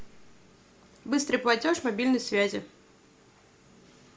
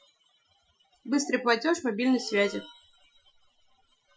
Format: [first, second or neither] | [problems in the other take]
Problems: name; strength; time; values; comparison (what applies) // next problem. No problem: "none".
first | noise reduction (classical method Wiener filter)